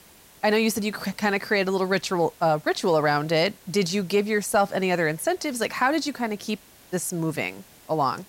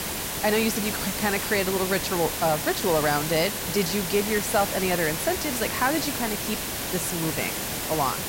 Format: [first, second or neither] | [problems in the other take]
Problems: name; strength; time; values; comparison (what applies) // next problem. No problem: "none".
first | hiss; loud; throughout; 2 dB below the speech; faint in the first